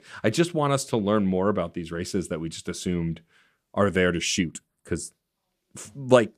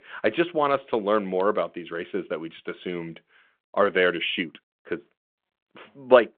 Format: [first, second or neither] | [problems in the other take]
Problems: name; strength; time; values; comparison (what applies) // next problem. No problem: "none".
first | phone-call audio